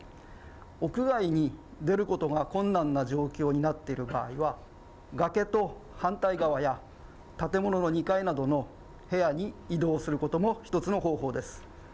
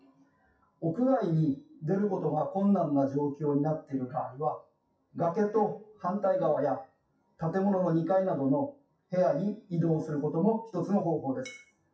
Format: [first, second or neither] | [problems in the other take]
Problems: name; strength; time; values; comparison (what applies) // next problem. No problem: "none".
first | noise reduction (classical method WPE with log-MMSE)